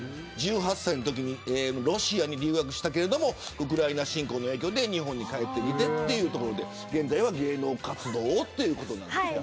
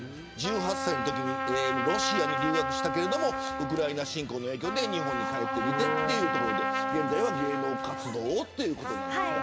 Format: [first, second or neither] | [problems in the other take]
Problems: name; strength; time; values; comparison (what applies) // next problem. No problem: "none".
first | background sound (Trumpet); 1 dB below the speech